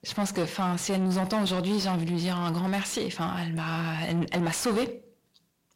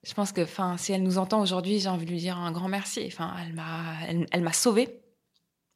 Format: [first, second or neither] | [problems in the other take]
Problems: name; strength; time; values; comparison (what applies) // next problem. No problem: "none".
second | distortion; heavy; 7 dB below the speech